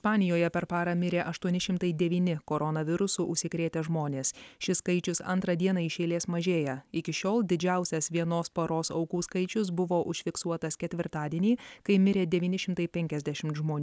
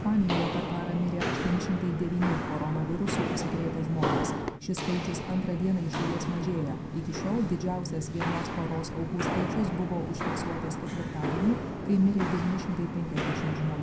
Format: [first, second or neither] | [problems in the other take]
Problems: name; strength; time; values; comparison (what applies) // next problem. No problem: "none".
first | background sound (Walk, footsteps); 2 dB below the speech // room echo; dies away in 0.2 s